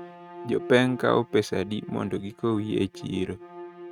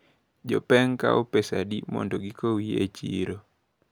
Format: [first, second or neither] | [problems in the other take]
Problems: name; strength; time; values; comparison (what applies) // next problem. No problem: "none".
second | noise reduction (neural mask model RNNoise)